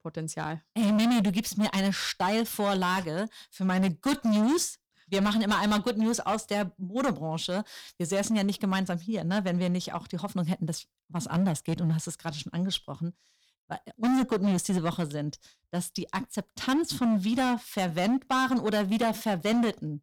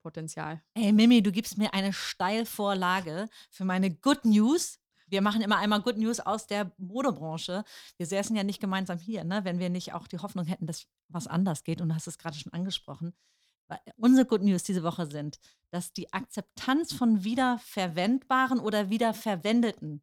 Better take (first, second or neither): second